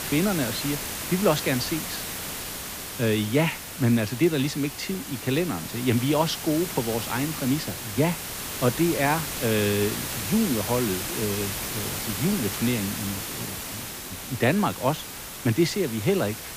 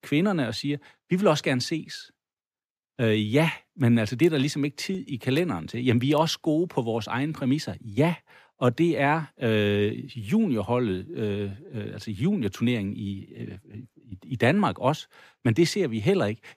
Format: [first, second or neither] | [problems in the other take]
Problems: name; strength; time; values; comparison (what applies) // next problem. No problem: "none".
second | hiss; loud; throughout; 5 dB below the speech